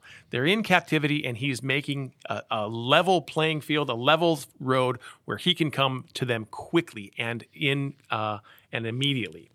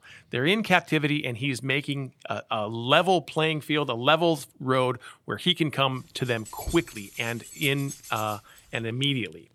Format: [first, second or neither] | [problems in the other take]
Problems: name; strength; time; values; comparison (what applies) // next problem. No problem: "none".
first | jangling keys; faint; from 6.5 to 9 s; peak 10 dB below the speech